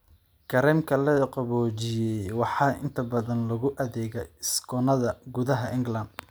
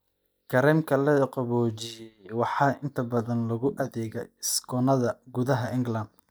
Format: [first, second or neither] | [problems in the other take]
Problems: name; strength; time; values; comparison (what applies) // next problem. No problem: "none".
first | noise reduction (neural mask model DeepFilterNet 3)